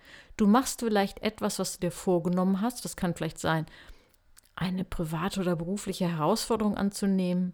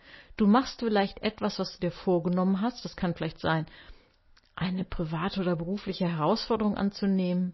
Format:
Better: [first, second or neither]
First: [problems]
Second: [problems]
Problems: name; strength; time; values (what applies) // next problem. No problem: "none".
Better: first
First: none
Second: garbled, watery; slightly; nothing above 5.5 kHz